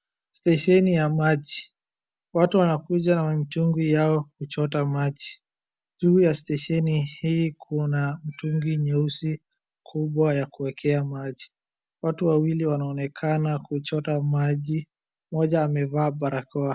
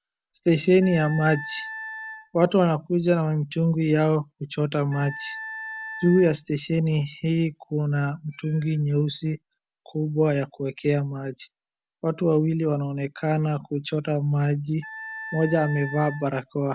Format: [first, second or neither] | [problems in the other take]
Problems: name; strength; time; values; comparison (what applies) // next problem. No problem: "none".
first | background sound (Wind instrument, woodwind instrument); 14 dB below the speech